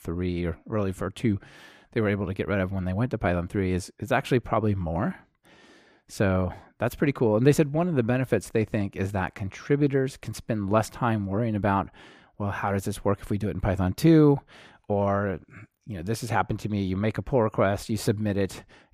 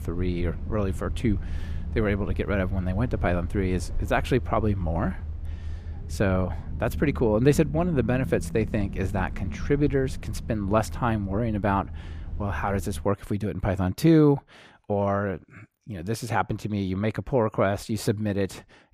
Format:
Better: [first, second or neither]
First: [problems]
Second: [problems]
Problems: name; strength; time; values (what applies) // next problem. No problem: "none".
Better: first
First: none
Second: low rumble; faint; until 13 s; 20 dB below the speech